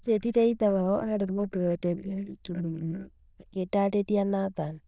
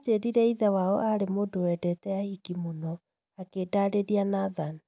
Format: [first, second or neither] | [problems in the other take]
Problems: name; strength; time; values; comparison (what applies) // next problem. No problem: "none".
second | noise reduction (neural diffusion model UNIVERSE++)